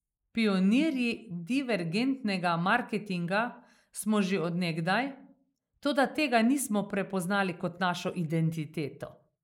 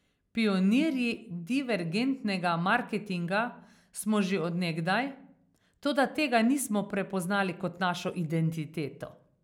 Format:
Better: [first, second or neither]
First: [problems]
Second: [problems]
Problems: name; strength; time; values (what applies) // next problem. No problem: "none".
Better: second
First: noise reduction (neural mask model Resemble Enhance denoiser)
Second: none